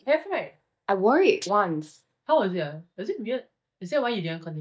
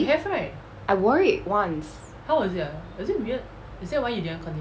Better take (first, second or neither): second